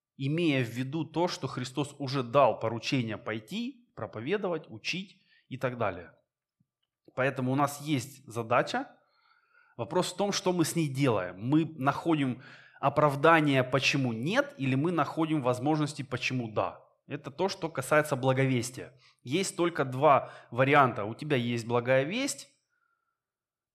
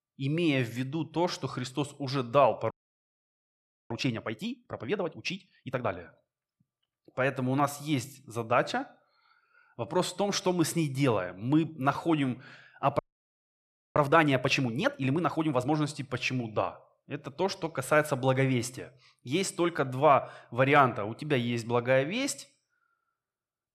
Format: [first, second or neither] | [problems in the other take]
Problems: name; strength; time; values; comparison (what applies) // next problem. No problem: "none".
first | audio freezing; at 2.5 s for 1 s and at 13 s for 1 s